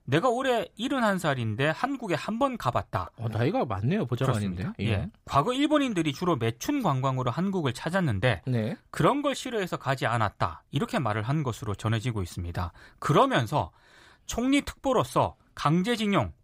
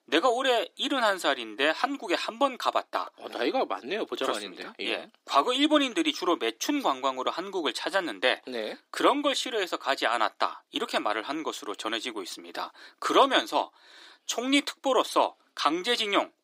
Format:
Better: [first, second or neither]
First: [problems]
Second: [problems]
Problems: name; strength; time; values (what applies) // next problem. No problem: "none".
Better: first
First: none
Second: thin; somewhat; fading below 300 Hz